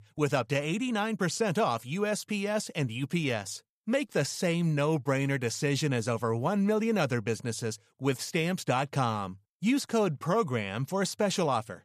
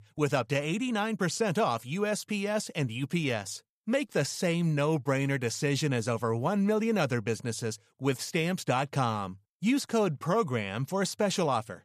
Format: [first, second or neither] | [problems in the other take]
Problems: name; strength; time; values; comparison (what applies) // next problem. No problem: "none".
neither | none